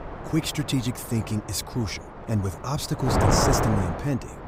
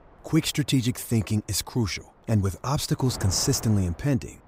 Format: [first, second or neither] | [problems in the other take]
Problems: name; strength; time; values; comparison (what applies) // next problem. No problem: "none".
second | wind noise on the microphone; heavy; 4 dB above the speech; occasional gusts in the second